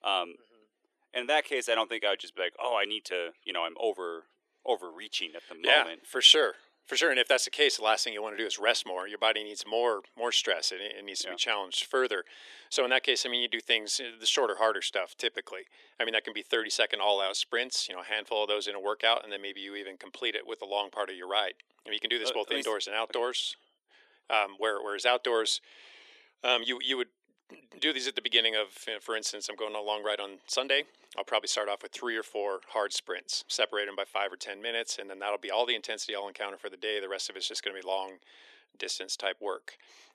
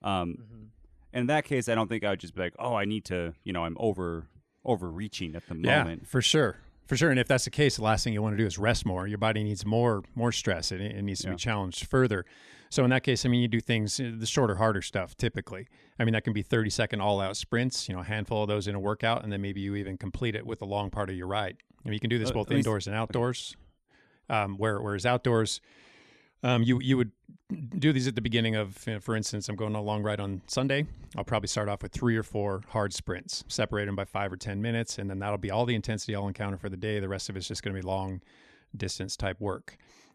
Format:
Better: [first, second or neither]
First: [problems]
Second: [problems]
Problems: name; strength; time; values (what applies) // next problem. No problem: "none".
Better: second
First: thin; very; fading below 400 Hz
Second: none